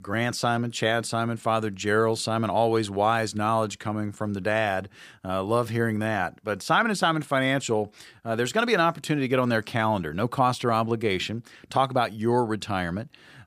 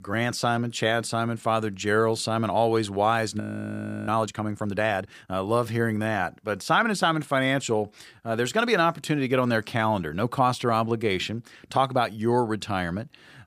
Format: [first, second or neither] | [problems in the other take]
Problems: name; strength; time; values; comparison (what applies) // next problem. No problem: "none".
first | audio freezing; at 3.5 s for 0.5 s